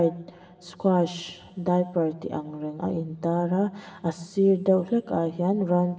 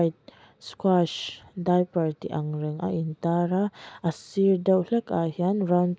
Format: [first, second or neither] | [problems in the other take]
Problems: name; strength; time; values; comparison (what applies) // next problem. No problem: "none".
second | room echo; dies away in 2.7 s